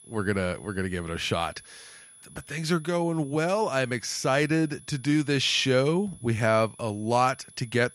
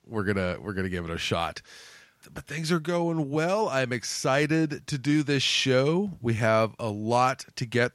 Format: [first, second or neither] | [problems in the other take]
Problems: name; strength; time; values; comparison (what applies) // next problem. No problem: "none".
second | high-pitched whine; faint; throughout; 10.5 kHz, 25 dB below the speech